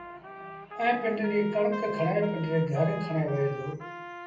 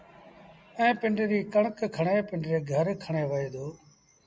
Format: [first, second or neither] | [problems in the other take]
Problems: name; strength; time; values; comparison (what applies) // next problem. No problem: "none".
second | background sound (Trumpet); 12 dB below the speech // room echo; dies away in 0.6 s